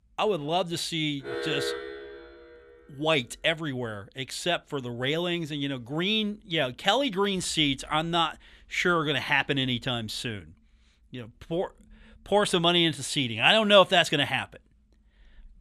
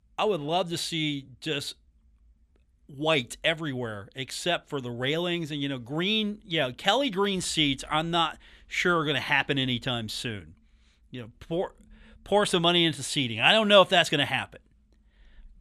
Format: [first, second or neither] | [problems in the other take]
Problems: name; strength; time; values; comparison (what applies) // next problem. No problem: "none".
second | alarm; noticeable; from 1 to 2.5 s; peak 5 dB below the speech